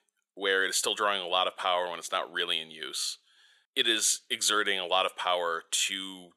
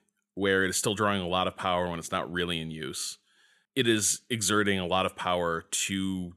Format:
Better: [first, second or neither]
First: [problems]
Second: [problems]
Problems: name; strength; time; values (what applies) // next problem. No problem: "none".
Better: second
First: thin; very; fading below 600 Hz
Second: none